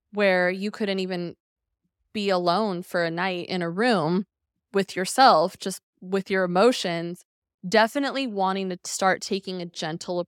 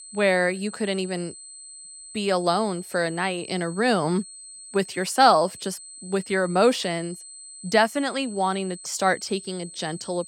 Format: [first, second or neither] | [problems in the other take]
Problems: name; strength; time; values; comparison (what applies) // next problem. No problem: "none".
first | high-pitched whine; noticeable; throughout; 8 kHz, 15 dB below the speech